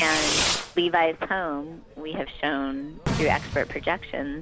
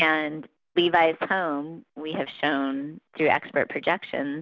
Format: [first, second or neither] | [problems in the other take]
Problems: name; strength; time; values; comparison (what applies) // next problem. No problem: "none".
second | background sound (Fireworks); 4 dB below the speech